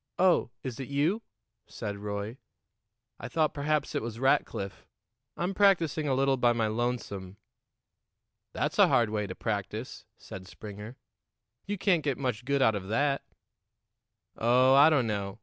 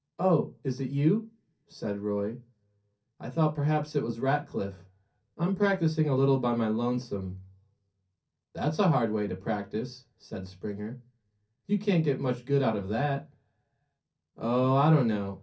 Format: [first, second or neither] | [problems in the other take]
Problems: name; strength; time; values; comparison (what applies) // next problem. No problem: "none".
first | room echo; dies away in 0.3 s